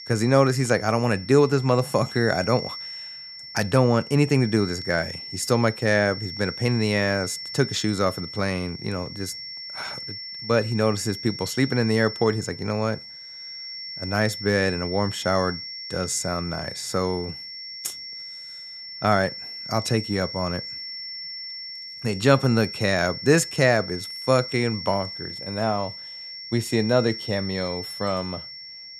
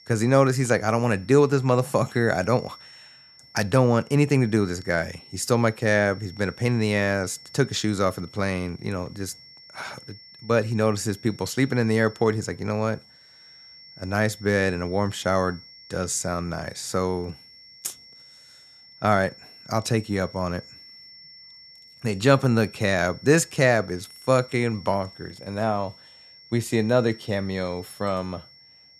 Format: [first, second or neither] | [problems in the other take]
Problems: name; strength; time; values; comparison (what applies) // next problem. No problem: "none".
second | high-pitched whine; loud; throughout; 5.5 kHz, 10 dB below the speech; faint in the second